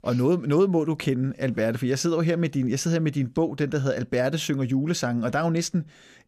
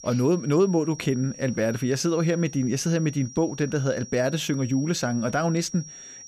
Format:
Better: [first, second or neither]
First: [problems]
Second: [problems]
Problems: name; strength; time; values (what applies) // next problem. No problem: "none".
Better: first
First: none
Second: high-pitched whine; noticeable; throughout; 5.5 kHz, 15 dB below the speech